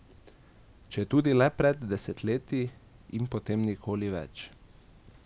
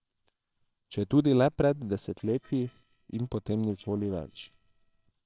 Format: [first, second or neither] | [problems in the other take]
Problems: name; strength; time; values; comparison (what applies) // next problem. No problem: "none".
first | noise reduction (neural separator model SepFormer WHAMR!)